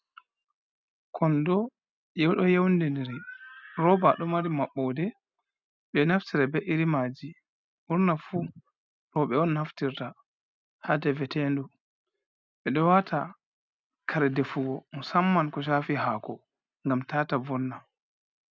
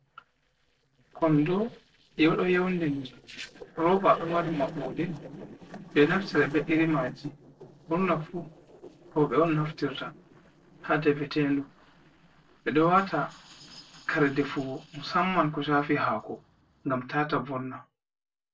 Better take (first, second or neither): first